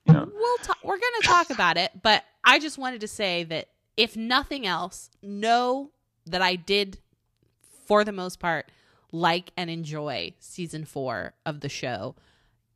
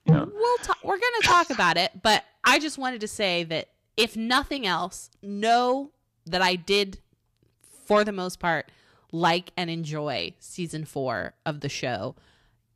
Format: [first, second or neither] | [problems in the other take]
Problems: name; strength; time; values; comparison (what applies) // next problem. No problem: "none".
first | distortion; slight; 10 dB below the speech